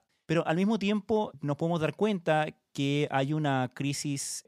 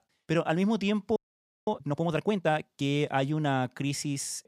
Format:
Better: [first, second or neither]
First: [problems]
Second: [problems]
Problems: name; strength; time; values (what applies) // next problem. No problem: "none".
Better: first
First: none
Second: audio freezing; at 1 s for 0.5 s